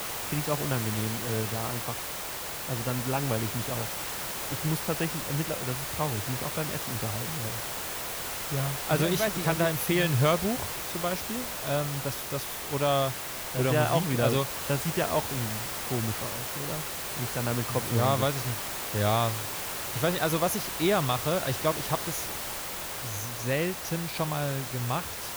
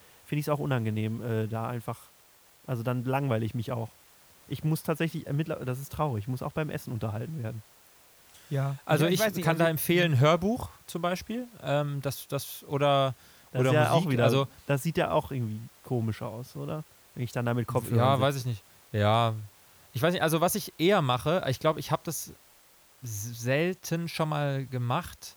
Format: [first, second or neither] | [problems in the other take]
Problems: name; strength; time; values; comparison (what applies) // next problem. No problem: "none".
second | hiss; loud; throughout; 2 dB below the speech; faint in the second